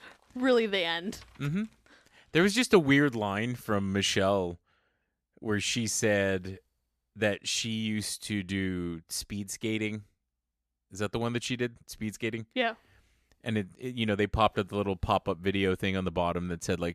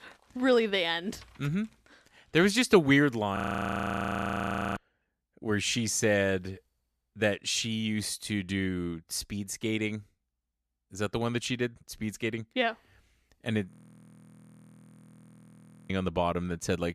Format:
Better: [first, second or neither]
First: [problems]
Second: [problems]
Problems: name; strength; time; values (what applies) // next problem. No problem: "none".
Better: first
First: none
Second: audio freezing; at 3.5 s for 1.5 s and at 14 s for 2 s